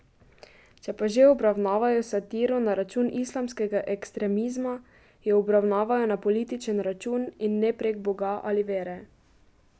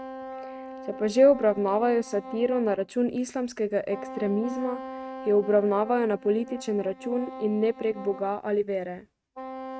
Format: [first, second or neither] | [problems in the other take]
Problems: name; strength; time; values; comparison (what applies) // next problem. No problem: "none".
first | noise reduction (neural mask model RNNoise)